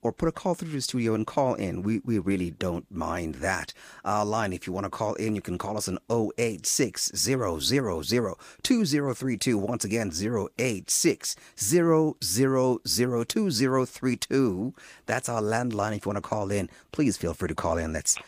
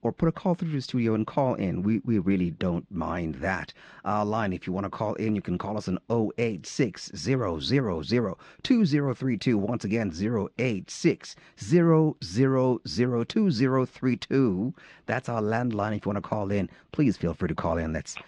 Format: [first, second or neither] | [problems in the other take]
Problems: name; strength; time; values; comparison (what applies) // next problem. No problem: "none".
first | muffled; slightly; fading above 4 kHz